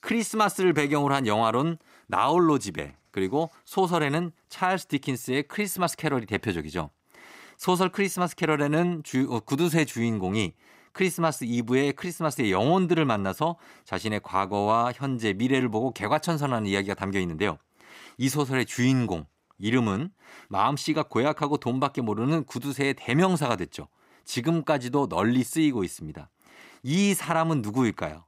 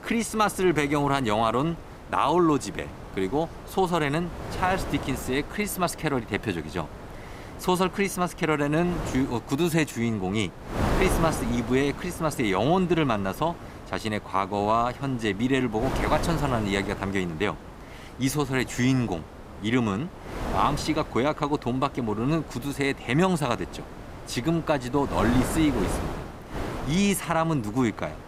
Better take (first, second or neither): first